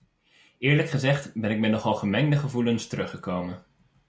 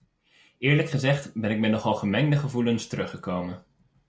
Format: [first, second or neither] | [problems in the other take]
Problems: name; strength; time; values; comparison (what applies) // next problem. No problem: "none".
first | noise reduction (neural separator model SepFormer DNS4)